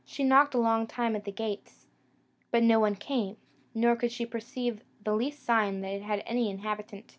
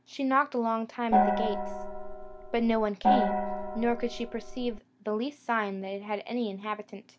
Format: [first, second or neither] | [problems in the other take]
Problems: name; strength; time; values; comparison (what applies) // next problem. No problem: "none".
first | background sound (Gong); 2 dB above the speech